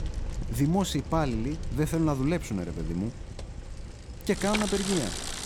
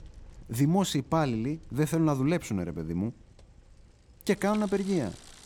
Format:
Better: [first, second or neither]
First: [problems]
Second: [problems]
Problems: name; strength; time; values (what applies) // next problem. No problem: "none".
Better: second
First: traffic noise; loud; throughout; 7 dB below the speech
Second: traffic noise; faint; throughout; 25 dB below the speech